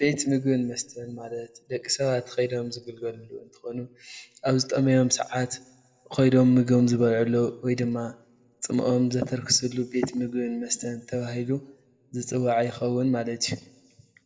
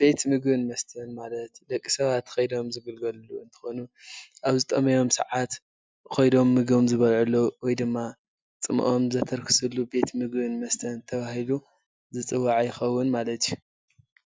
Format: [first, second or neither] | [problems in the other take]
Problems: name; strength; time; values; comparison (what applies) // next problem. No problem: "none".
second | room echo; dies away in 0.7 s